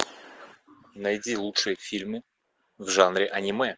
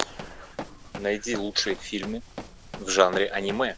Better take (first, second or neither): first